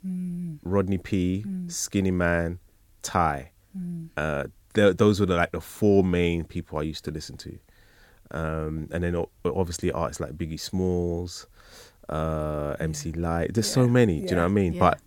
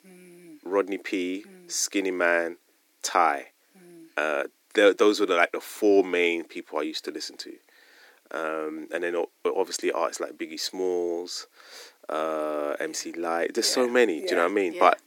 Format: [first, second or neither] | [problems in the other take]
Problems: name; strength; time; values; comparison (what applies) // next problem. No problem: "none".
first | thin; somewhat; fading below 300 Hz